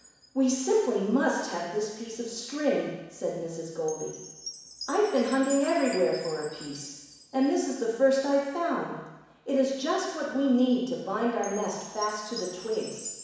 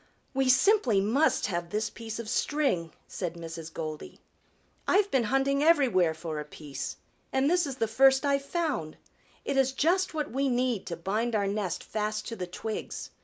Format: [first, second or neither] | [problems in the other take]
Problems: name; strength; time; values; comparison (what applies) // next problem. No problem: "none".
second | background sound (Chime); 18 dB below the speech // room echo; dies away in 1.1 s